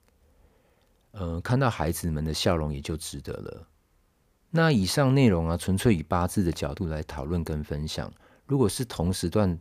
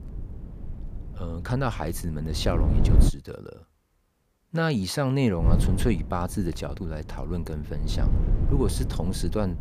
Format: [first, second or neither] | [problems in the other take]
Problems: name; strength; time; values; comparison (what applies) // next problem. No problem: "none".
first | wind noise on the microphone; heavy; until 3 s and from 5.5 s on; 7 dB below the speech